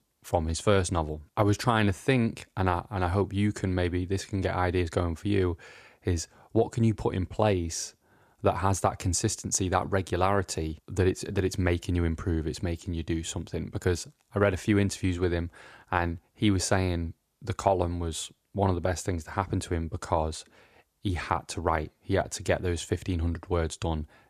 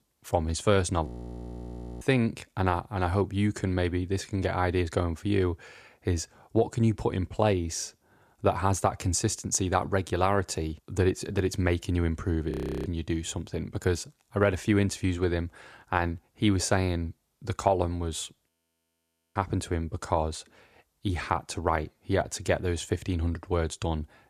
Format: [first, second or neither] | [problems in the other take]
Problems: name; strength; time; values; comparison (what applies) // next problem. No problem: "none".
first | audio freezing; at 1 s for 1 s, at 13 s and at 18 s for 1 s